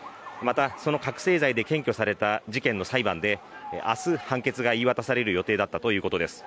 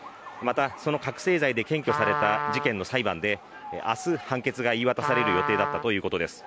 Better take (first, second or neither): first